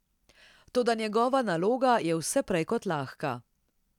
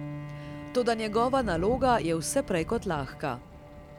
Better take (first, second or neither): first